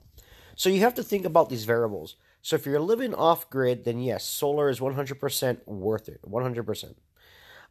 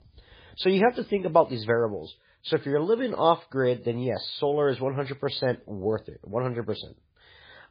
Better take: first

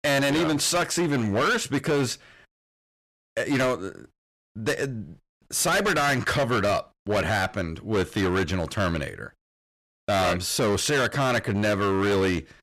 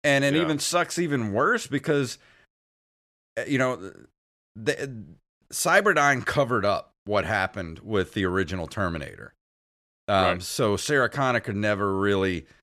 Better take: second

